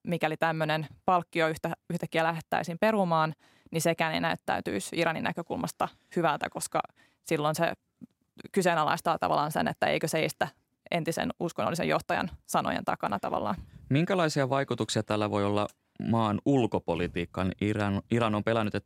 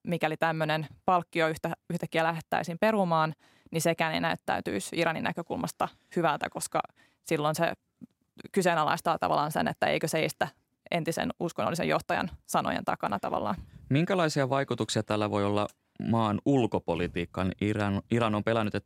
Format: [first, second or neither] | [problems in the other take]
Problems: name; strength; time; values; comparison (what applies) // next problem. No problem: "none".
neither | none